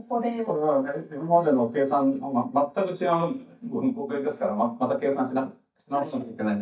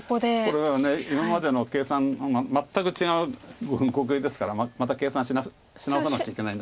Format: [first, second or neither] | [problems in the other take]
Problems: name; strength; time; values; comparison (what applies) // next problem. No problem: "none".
second | noise reduction (neural mask model DeepFilterNet 3)